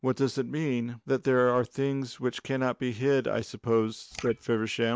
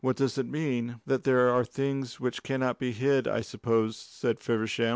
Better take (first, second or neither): second